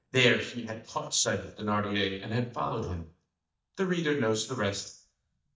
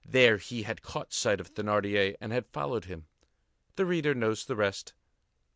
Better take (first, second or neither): second